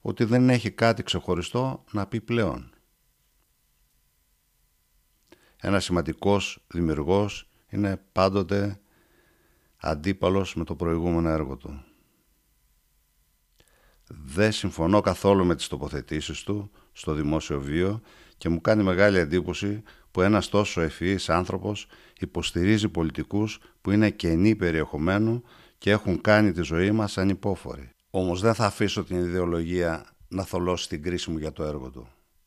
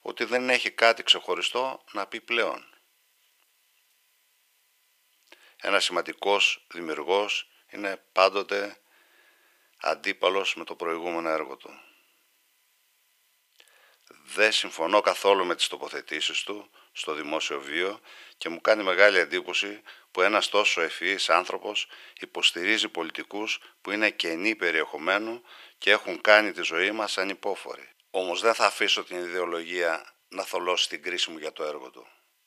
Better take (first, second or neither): first